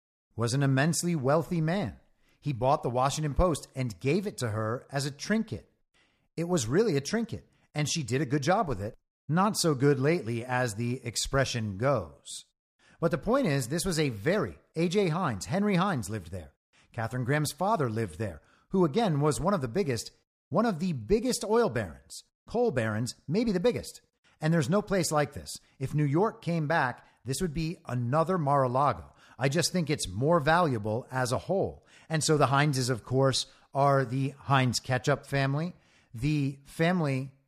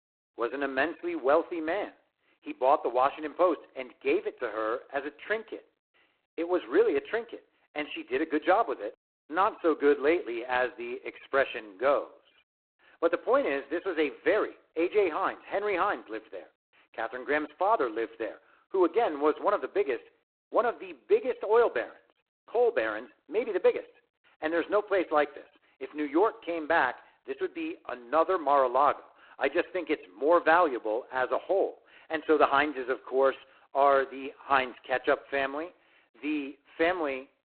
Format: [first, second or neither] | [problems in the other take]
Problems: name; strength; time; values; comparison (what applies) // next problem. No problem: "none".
first | phone-call audio; poor line; nothing above 4 kHz